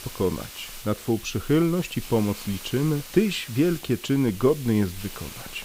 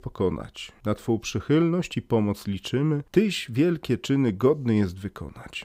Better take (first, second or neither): second